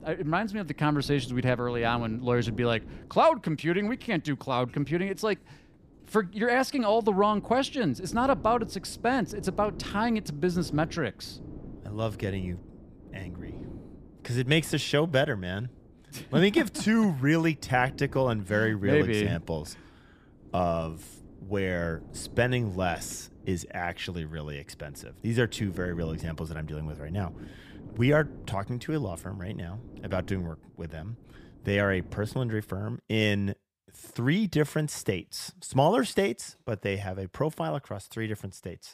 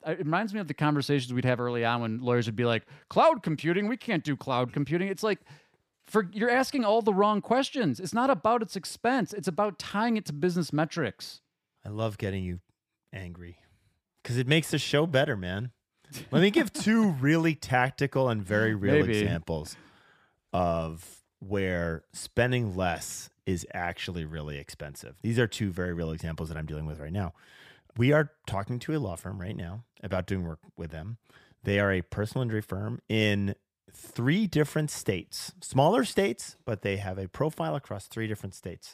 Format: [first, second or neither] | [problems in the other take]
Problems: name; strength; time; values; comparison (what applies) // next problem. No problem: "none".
second | wind noise on the microphone; occasional gusts; until 33 s; 25 dB below the speech